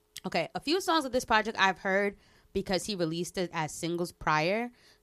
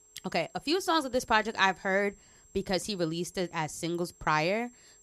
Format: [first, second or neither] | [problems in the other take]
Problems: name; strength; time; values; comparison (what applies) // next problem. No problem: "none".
first | high-pitched whine; faint; throughout; 7.5 kHz, 25 dB below the speech